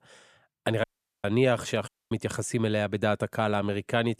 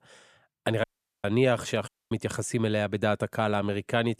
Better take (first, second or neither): neither